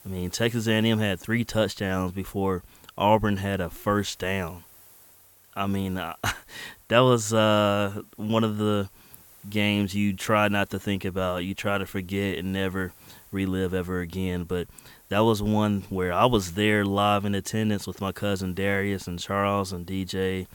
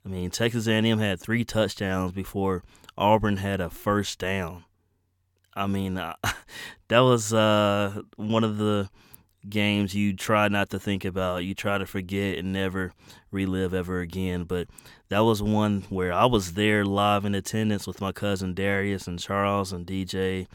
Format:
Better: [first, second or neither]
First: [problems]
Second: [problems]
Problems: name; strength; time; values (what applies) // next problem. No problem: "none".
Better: second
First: hiss; faint; throughout; 25 dB below the speech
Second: none